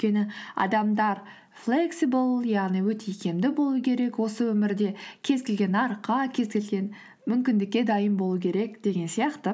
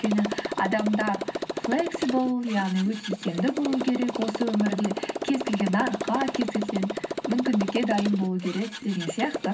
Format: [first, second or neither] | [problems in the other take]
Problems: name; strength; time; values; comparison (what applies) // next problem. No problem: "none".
first | background sound (Motorcycle); 5 dB below the speech // room echo; dies away in 0.4 s